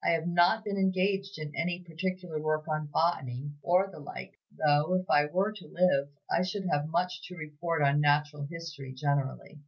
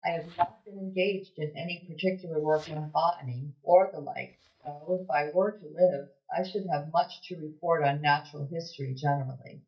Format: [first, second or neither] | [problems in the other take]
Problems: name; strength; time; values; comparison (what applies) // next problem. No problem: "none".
first | noise reduction (neural mask model DeepFilterNet 3)